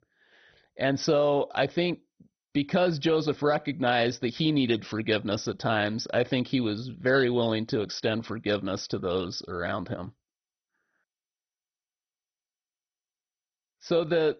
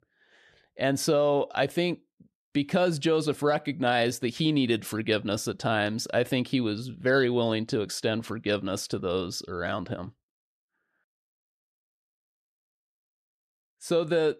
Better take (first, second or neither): second